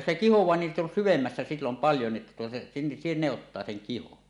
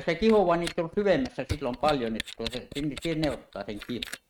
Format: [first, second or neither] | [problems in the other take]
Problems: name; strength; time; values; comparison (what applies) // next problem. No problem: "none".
first | noise reduction (neural mask model RNNoise)